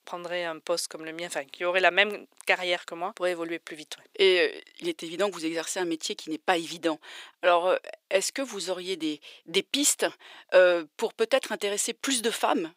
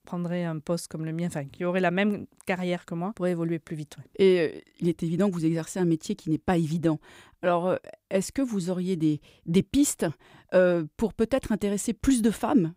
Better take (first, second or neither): second